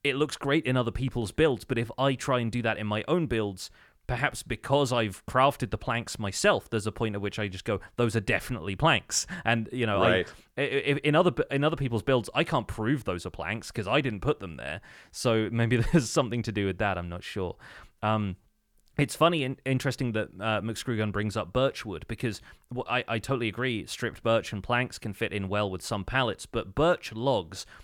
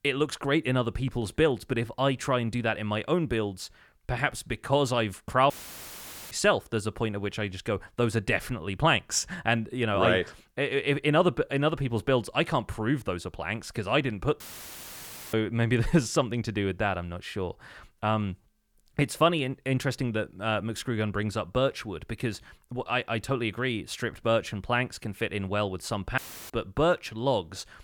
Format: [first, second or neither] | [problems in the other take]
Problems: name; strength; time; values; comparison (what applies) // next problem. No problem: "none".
first | audio cutting out; filled with static; at 5.5 s for 1 s, at 14 s for 1 s and at 26 s